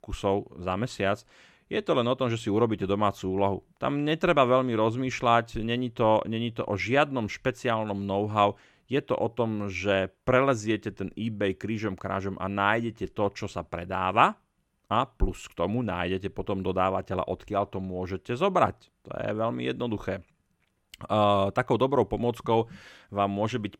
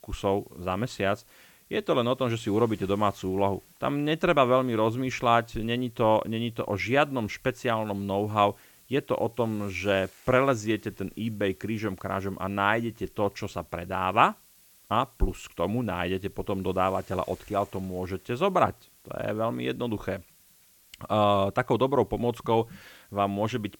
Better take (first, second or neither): first